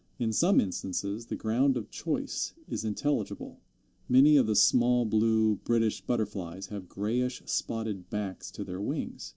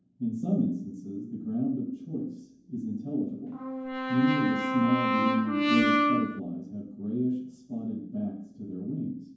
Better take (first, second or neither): first